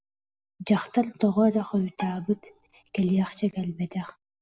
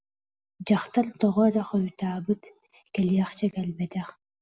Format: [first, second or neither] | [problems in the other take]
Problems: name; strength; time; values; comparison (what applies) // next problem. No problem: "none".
second | background sound (Bowed string instrument); 18 dB below the speech